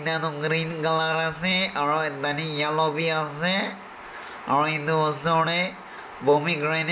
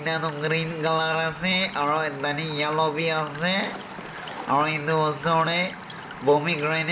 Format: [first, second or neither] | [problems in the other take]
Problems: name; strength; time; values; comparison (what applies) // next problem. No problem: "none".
first | background sound (Walk, footsteps / Stream / Trickle, dribble / Chirp, tweet); 16 dB below the speech